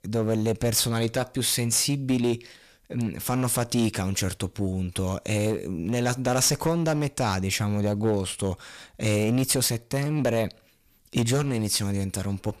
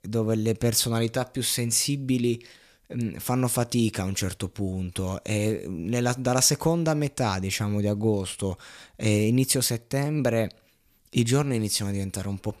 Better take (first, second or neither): second